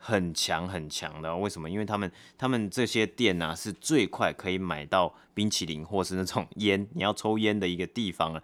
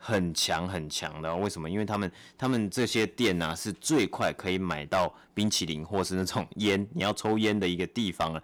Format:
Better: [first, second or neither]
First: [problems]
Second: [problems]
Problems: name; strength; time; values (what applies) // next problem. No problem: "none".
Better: first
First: none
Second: distortion; slight; 4% of the sound clipped